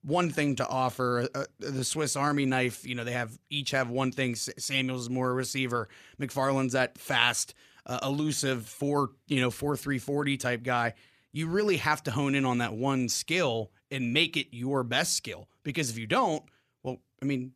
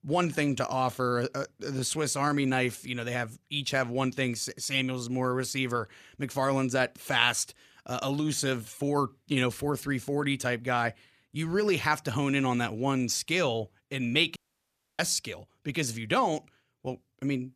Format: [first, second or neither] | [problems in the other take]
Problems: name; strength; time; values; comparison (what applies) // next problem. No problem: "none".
first | audio cutting out; at 14 s for 0.5 s